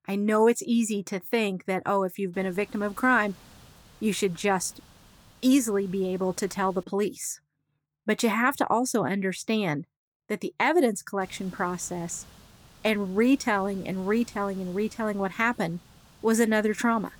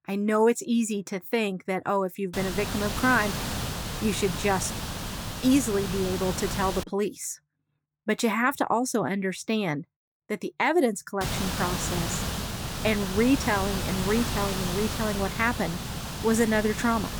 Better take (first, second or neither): first